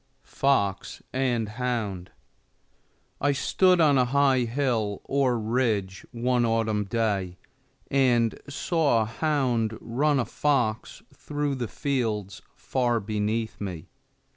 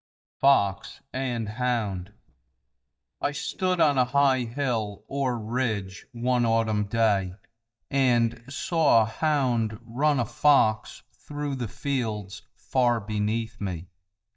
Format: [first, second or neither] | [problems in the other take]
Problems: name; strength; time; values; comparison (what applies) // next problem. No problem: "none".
first | noise reduction (neural mask model DeepFilterNet 3)